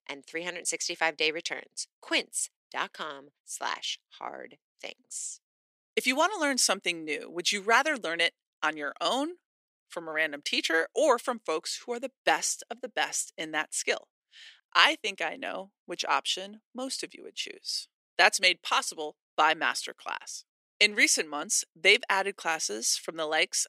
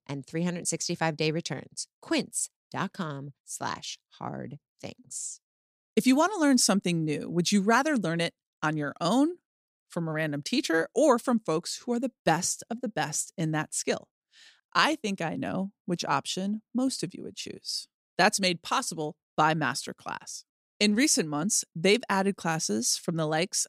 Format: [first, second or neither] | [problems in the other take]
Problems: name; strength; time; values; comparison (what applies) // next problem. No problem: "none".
second | thin; somewhat; fading below 400 Hz